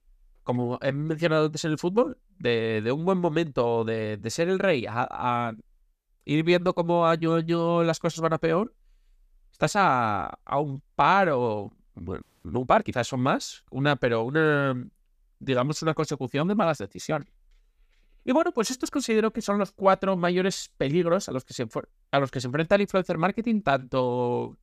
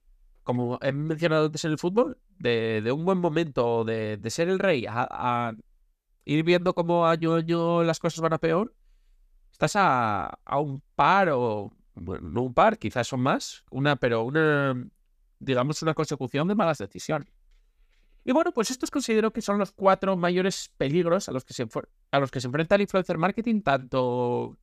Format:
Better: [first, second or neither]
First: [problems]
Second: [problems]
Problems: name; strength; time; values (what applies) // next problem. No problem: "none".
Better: second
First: audio freezing; at 12 s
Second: none